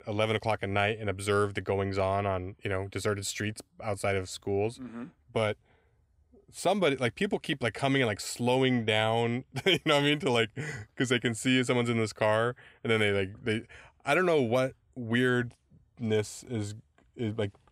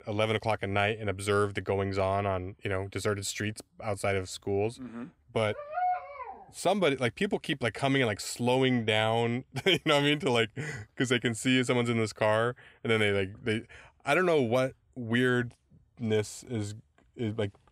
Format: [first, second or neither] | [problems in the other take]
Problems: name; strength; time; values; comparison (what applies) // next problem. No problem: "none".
first | dog barking; noticeable; at 5.5 s; peak 2 dB below the speech